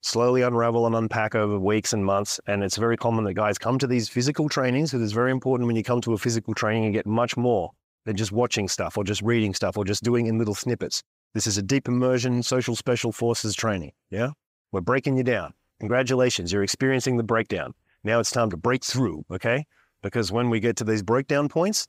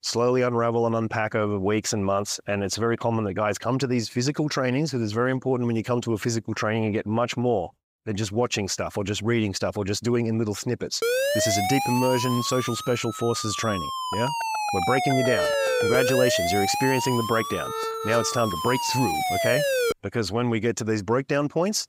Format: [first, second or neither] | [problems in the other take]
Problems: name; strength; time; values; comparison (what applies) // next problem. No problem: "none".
first | siren; loud; from 11 to 20 s; peak 3 dB above the speech